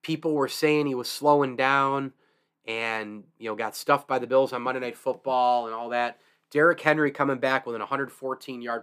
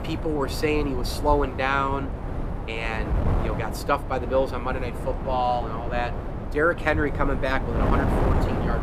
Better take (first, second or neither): first